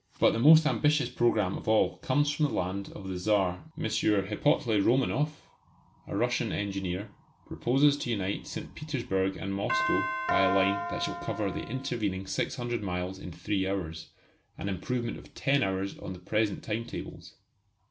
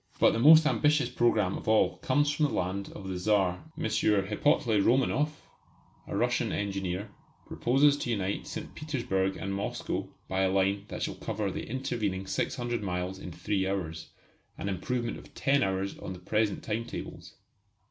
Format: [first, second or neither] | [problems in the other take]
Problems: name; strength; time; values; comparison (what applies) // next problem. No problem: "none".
second | background sound (Doorbell); 3 dB below the speech